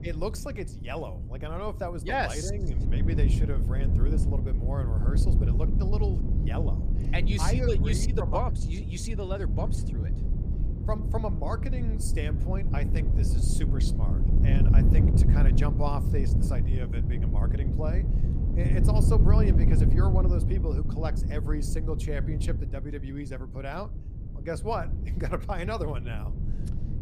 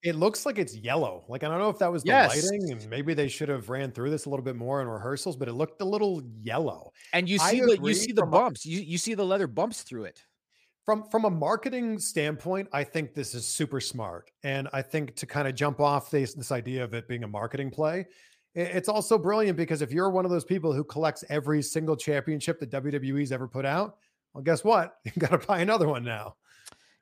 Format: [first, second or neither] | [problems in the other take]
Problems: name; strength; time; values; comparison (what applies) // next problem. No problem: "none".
second | wind noise on the microphone; heavy; 4 dB below the speech